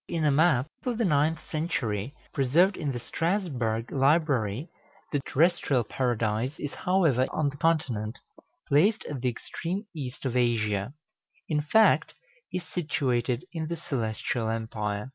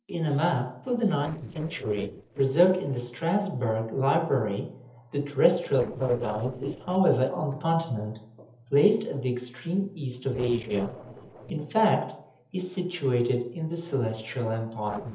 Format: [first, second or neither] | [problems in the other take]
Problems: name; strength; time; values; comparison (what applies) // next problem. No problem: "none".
first | noise reduction (neural separator model SepFormer DNS4)